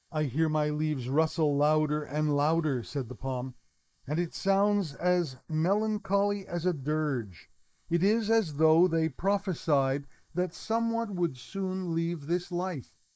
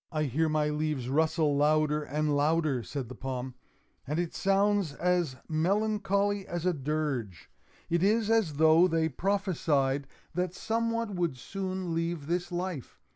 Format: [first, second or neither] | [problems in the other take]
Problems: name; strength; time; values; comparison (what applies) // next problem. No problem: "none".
second | noise reduction (neural mask model Resemble Enhance denoiser)